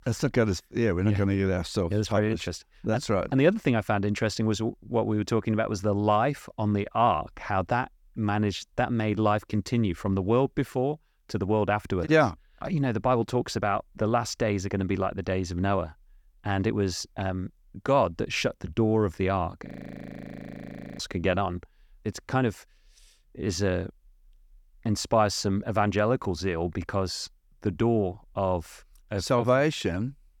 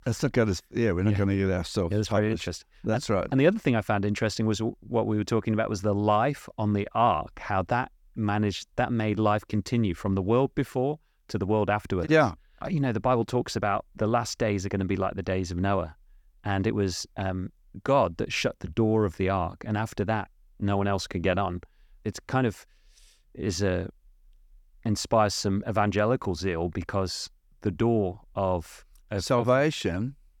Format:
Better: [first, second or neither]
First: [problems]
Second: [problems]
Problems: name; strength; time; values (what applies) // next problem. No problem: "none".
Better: second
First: audio freezing; at 20 s for 1.5 s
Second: none